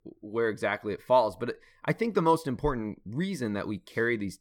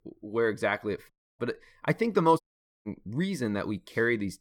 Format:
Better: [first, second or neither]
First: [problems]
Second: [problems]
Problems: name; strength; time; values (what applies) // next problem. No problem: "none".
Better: first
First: none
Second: audio cutting out; at 1 s and at 2.5 s